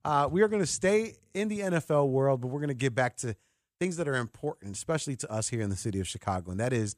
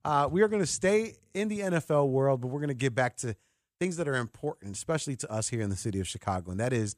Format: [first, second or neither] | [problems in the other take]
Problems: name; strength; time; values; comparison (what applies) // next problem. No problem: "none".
neither | none